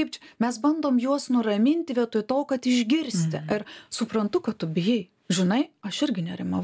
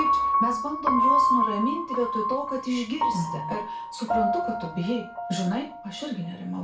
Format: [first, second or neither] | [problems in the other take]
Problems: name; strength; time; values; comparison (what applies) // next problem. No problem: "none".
first | background sound (Piano); 3 dB above the speech // room echo; dies away in 0.3 s